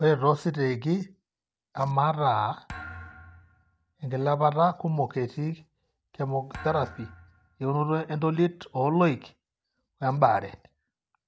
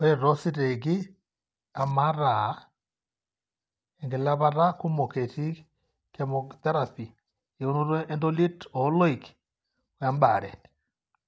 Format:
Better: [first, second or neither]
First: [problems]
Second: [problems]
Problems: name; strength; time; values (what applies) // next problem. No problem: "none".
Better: second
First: background sound (Thump, thud); 18 dB below the speech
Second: none